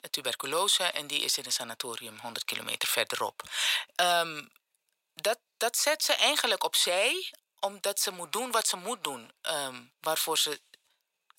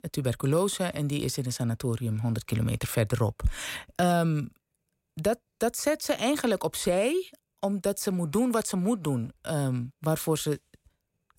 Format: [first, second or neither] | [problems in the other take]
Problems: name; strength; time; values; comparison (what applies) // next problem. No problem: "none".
second | thin; very; fading below 850 Hz